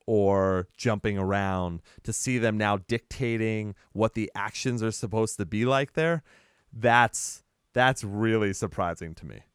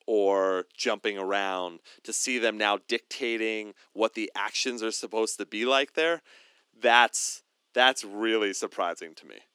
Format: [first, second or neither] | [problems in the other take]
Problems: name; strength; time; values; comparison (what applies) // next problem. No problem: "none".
first | thin; somewhat; fading below 250 Hz